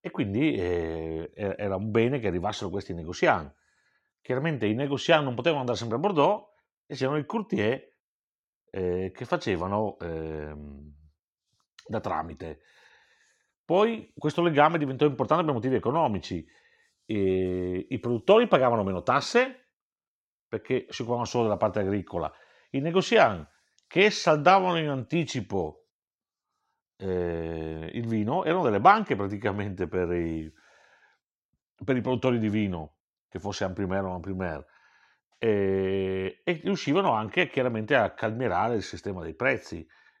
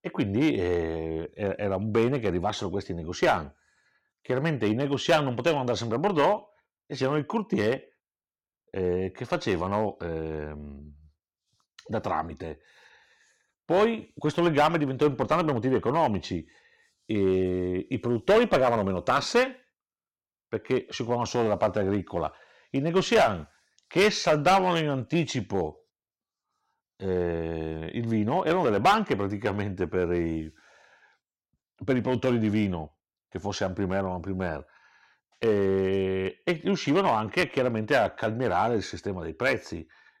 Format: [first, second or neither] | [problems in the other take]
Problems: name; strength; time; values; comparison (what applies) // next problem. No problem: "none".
first | distortion; slight; 2% of the sound clipped